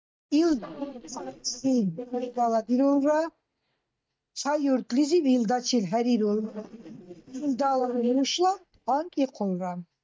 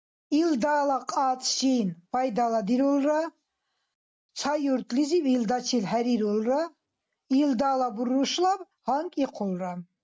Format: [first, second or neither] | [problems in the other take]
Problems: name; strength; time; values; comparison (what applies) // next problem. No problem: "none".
second | noise reduction (neural mask model DeepFilterNet 3)